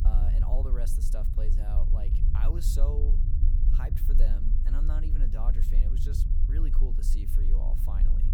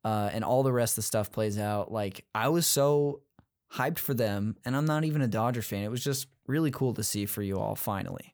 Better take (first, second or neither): second